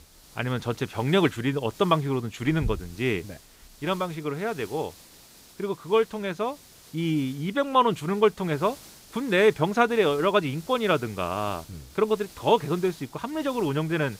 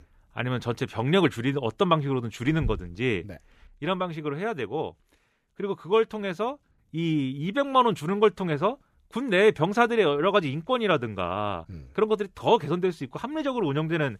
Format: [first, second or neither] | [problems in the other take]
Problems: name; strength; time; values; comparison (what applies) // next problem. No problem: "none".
second | hiss; faint; throughout; 20 dB below the speech